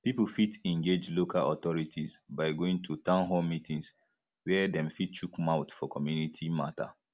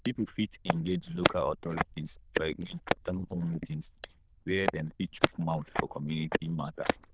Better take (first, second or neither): first